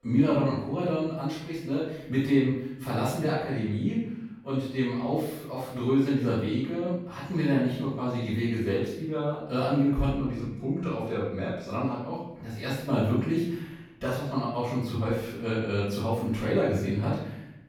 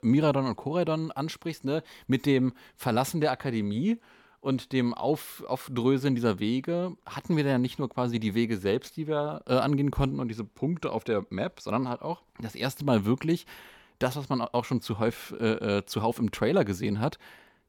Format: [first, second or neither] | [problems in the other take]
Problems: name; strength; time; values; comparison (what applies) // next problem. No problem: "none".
second | off-mic speech; far // room echo; strong; dies away in 0.7 s